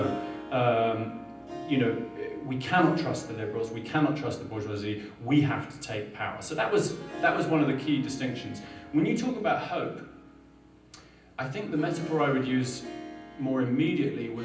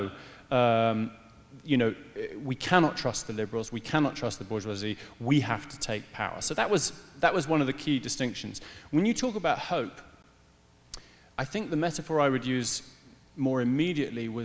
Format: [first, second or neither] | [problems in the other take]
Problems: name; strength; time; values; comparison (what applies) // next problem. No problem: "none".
second | background sound (Harp); 14 dB below the speech // room echo; dies away in 0.6 s